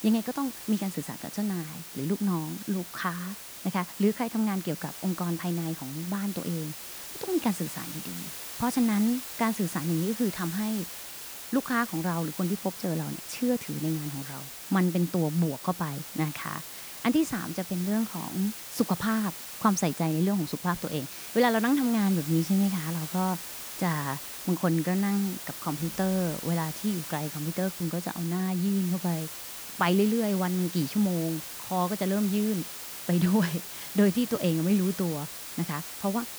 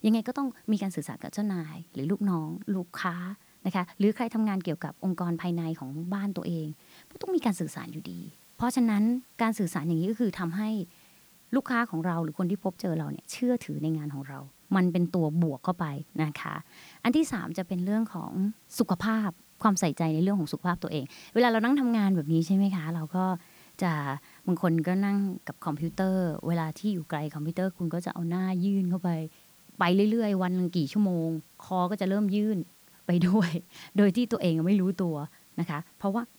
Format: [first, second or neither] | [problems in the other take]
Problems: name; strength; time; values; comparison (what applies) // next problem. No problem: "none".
second | hiss; loud; throughout; 9 dB below the speech; faint in the second